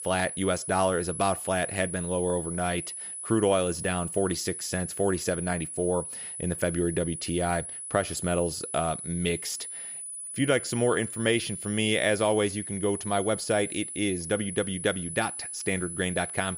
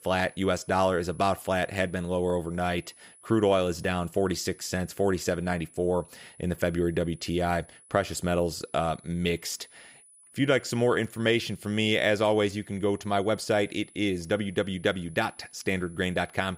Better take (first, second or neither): second